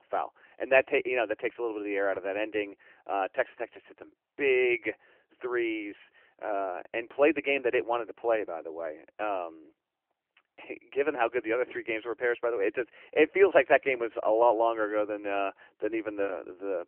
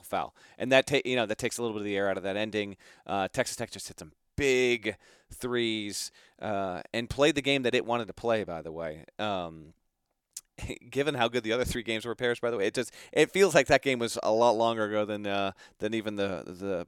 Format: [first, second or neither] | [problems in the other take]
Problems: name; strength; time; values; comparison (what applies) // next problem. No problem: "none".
second | phone-call audio; nothing above 3 kHz